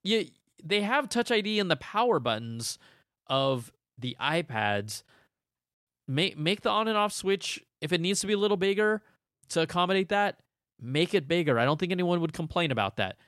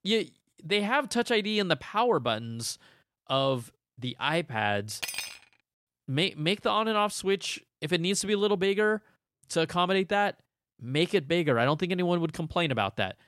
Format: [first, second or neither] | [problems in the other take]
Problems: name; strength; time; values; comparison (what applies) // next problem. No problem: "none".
first | clattering dishes; noticeable; at 5 s; peak 6 dB below the speech